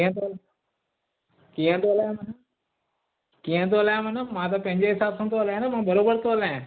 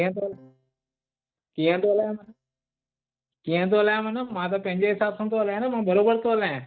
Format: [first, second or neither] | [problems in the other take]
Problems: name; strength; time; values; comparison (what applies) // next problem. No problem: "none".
first | noise reduction (neural mask model DeepFilterNet 3)